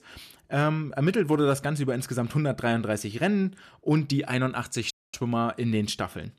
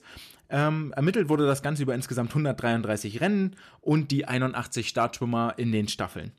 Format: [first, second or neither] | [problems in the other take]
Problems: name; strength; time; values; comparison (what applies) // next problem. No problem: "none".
second | audio cutting out; at 5 s